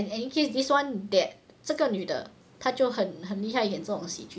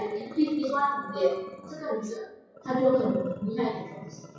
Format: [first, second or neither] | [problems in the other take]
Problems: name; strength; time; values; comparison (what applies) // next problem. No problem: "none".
first | noise reduction (classical method WPE with log-MMSE)